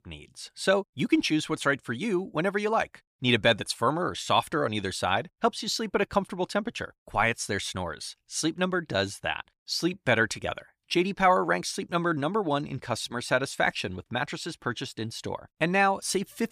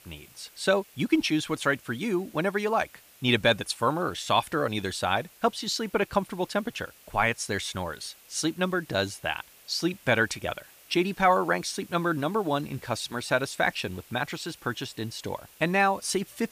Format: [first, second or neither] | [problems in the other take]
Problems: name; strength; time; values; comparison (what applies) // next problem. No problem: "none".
first | hiss; faint; throughout; 25 dB below the speech